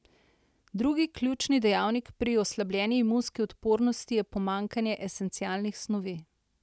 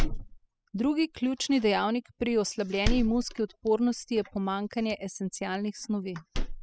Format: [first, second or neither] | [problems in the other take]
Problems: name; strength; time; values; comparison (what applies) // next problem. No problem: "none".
first | noise reduction (classical method spectral subtraction)